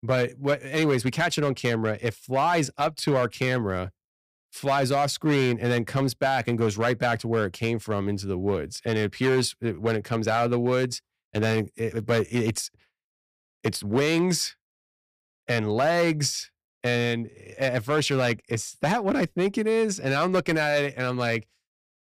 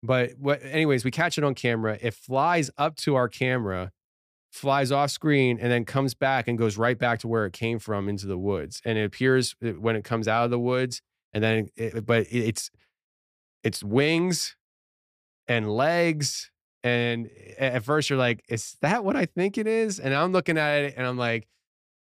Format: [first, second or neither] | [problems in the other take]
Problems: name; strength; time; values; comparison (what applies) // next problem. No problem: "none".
second | distortion; slight; 4% of the sound clipped